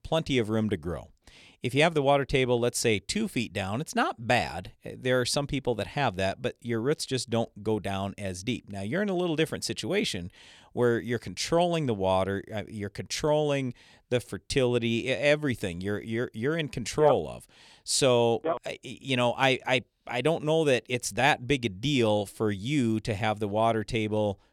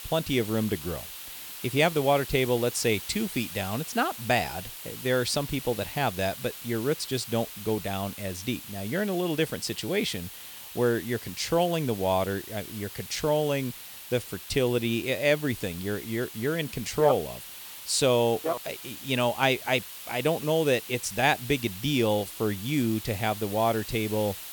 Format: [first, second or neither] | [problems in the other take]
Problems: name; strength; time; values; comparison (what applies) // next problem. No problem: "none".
first | hiss; noticeable; throughout; 10 dB below the speech